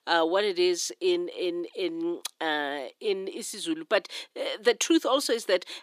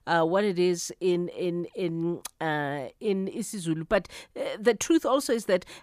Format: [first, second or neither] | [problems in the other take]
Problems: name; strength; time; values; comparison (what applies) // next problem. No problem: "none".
second | thin; somewhat; fading below 300 Hz